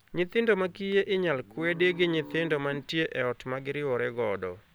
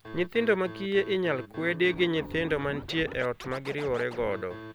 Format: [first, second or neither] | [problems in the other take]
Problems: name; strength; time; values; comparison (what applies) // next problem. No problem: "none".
first | background sound (Scratching (performance technique)); 14 dB below the speech